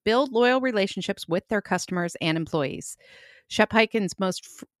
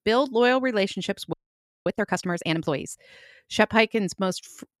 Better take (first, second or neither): first